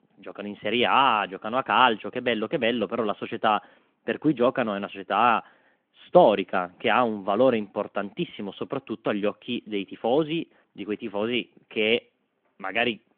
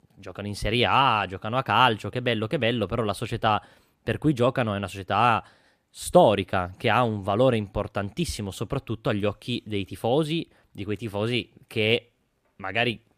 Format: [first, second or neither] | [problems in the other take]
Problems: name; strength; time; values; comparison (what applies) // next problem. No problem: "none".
second | phone-call audio; nothing above 3.5 kHz